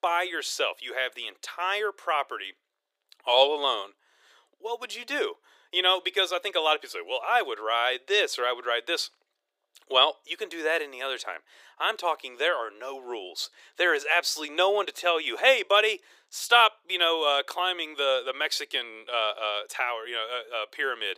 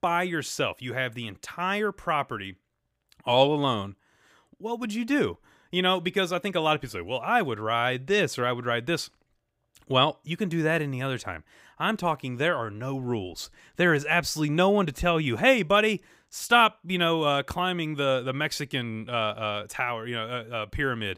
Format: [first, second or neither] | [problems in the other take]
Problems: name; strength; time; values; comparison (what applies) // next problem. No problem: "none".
second | thin; very; fading below 400 Hz